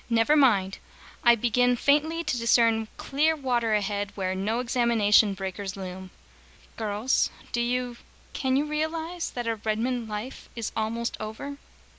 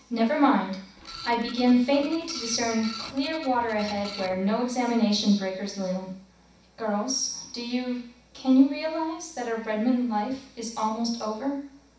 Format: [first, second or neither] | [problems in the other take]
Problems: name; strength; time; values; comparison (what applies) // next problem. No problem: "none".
first | background sound (Printer); 15 dB below the speech // room echo; dies away in 0.7 s